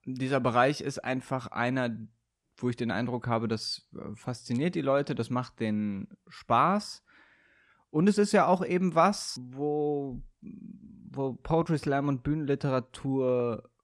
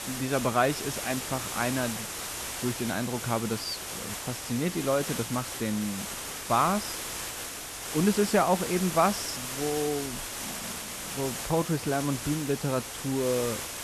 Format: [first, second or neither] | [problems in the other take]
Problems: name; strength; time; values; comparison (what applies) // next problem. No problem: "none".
first | hiss; loud; throughout; 5 dB below the speech